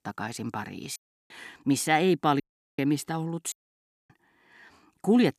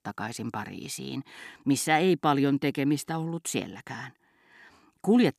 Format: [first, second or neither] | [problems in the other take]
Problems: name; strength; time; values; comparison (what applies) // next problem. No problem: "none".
second | audio cutting out; at 1 s, at 2.5 s and at 3.5 s for 0.5 s